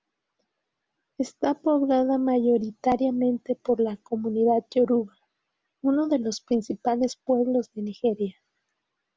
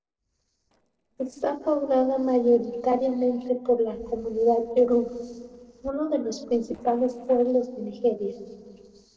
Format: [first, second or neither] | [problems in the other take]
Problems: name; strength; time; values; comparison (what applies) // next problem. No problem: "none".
first | noise reduction (neural separator model SepFormer DNS4)